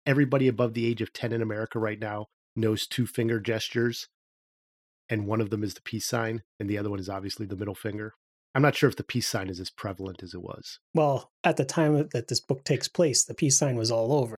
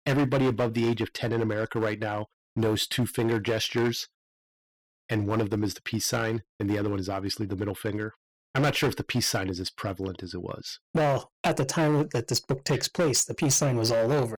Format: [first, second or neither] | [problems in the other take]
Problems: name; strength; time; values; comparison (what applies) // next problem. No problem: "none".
first | distortion; heavy; 10% of the sound clipped